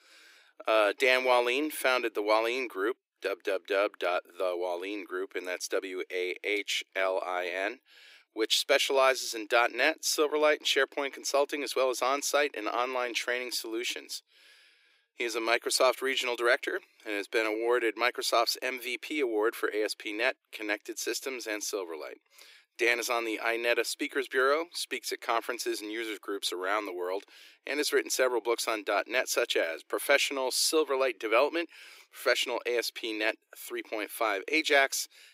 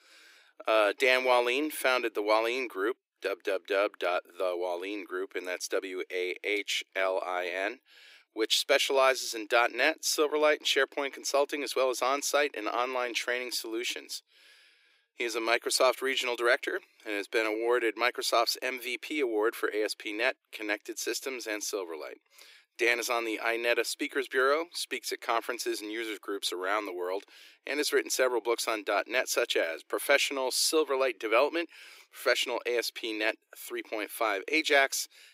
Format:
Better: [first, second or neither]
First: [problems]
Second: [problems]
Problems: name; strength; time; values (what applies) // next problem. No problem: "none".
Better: neither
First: thin; very; fading below 300 Hz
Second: thin; very; fading below 300 Hz